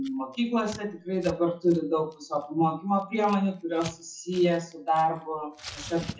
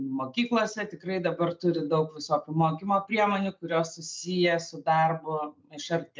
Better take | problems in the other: second | noise reduction (classical method WPE with log-MMSE)

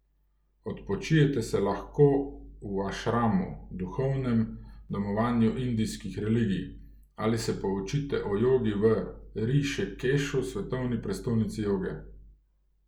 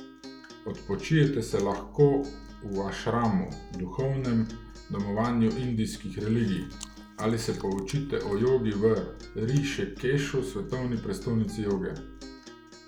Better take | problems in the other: first | background sound (Chewing, mastication + Acoustic guitar); 18 dB below the speech

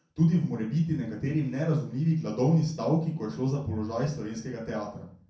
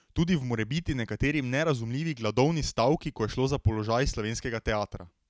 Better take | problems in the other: second | room echo; dies away in 0.6 s

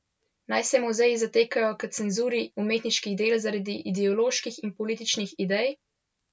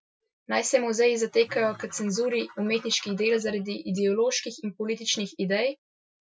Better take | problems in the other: first | noise reduction (classical method Wiener filter)

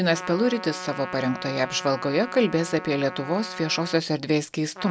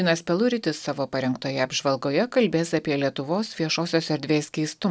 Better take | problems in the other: second | background sound (Trumpet); 13 dB below the speech

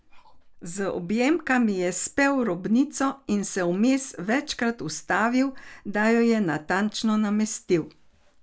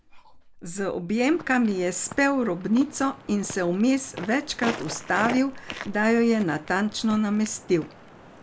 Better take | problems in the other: first | background sound (Walk, footsteps); 15 dB below the speech

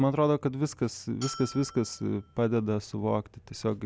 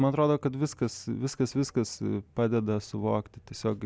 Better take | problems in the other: second | background sound (Bell); 17 dB below the speech

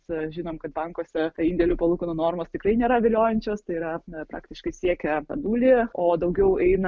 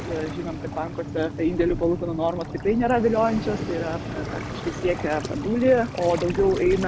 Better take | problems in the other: first | background sound (Waves, surf); 8 dB below the speech

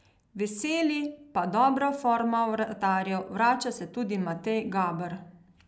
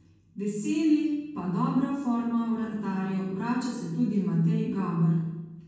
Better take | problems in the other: first | room echo; dies away in 1.1 s

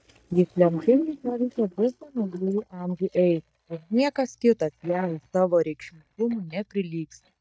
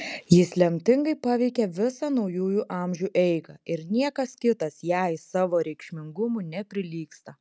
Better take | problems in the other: second | noise reduction (neural mask model DeepFilterNet 3)

